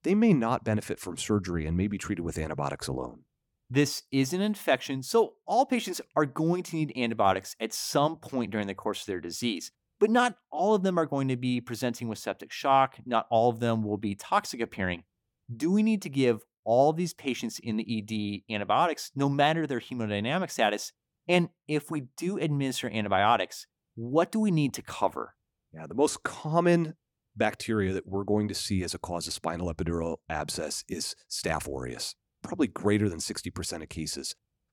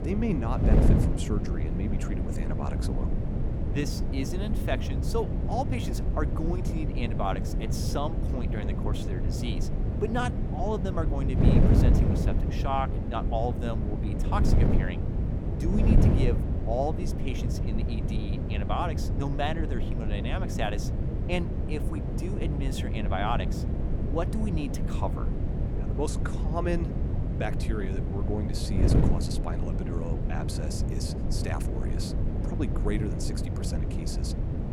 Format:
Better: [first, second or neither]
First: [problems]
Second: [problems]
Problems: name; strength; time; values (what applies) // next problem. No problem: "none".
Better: first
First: none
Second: wind noise on the microphone; heavy; 3 dB below the speech